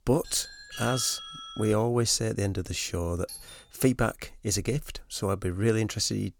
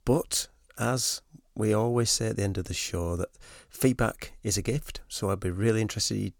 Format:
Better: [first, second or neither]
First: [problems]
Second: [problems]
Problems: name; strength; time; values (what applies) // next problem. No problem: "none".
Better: second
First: doorbell; noticeable; until 2 s; peak 9 dB below the speech // doorbell; faint; at 3.5 s; peak 15 dB below the speech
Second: none